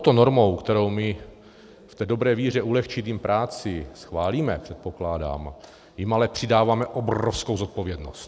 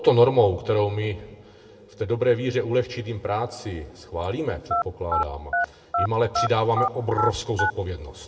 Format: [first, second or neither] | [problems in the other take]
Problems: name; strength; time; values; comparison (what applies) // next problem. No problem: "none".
first | background sound (Telephone); 2 dB below the speech // room echo; dies away in 1.4 s